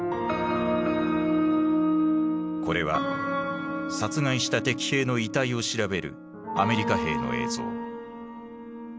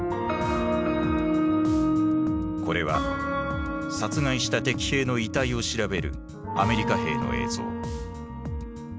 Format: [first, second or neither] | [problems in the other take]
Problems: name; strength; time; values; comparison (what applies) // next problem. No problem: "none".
first | background sound (Bass guitar); 9 dB below the speech